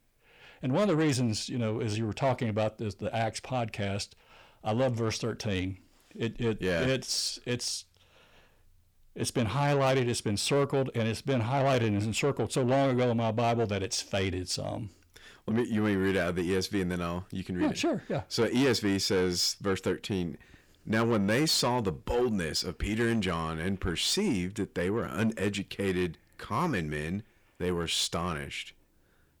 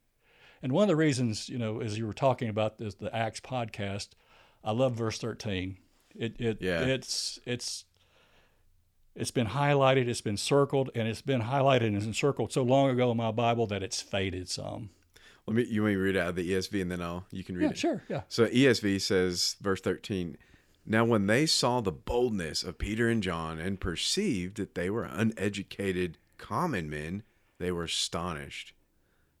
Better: second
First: distortion; slight; 10 dB below the speech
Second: none

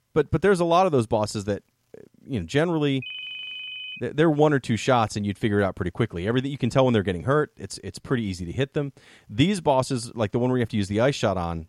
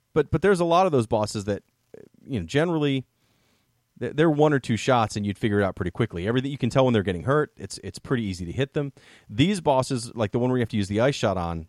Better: second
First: phone ringing; noticeable; at 3 s; peak 8 dB below the speech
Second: none

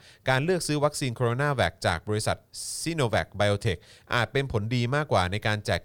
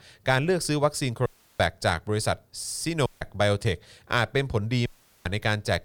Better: first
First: none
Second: audio cutting out; at 1.5 s, at 3 s and at 5 s

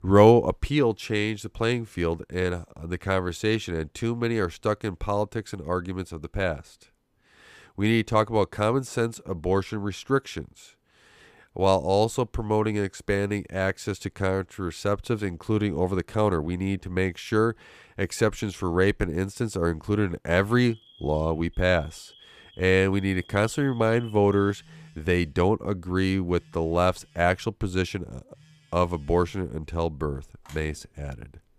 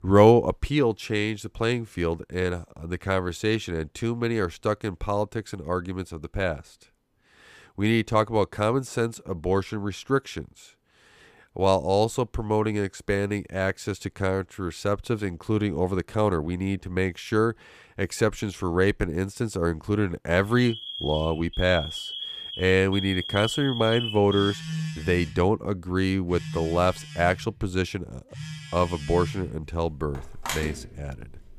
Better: first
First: alarms or sirens; faint; from 21 s on; 25 dB below the speech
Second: alarms or sirens; loud; from 21 s on; 8 dB below the speech

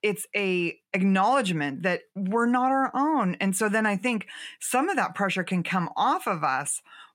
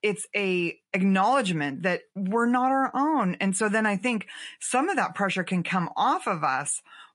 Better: first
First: none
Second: garbled, watery; slightly; nothing above 10 kHz

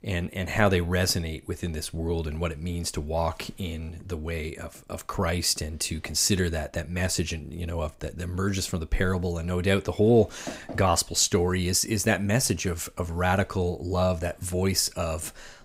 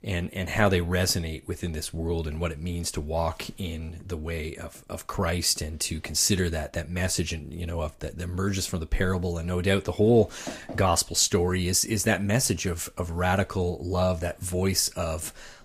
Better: first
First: none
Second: garbled, watery; slightly; nothing above 15.5 kHz

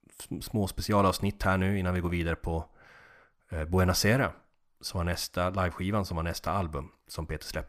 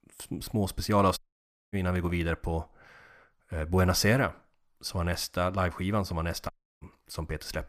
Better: first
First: none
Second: audio cutting out; at 1 s for 0.5 s and at 6.5 s

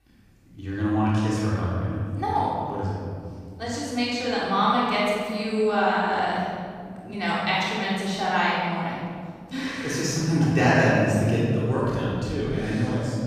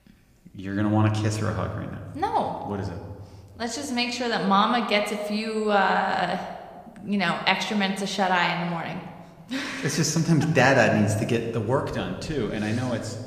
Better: second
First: room echo; strong; dies away in 2.7 s // off-mic speech; far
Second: room echo; slight; dies away in 1.2 s

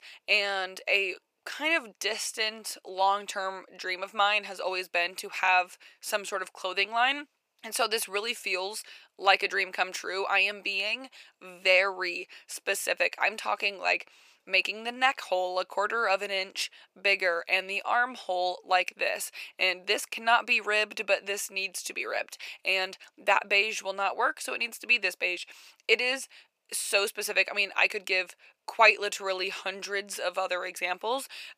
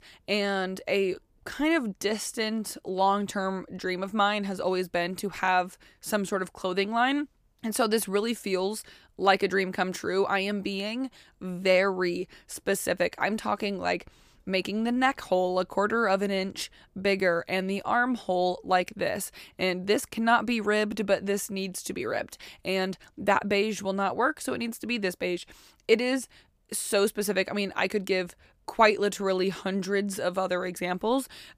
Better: second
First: thin; very; fading below 650 Hz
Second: none

